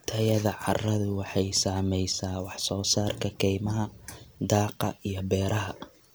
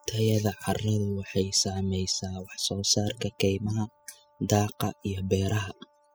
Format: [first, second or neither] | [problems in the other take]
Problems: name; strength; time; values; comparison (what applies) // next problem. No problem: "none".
first | noise reduction (classical method spectral subtraction)